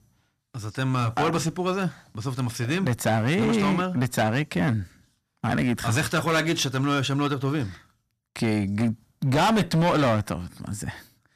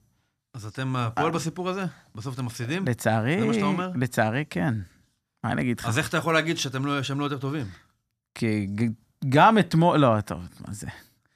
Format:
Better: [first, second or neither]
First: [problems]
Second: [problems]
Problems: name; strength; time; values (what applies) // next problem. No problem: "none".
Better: second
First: distortion; heavy; 10% of the sound clipped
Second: none